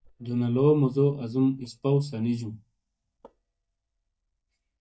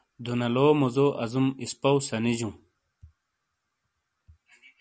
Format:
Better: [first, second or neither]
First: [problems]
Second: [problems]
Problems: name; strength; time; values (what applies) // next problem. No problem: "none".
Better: second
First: noise reduction (neural mask model DeepFilterNet 3)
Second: none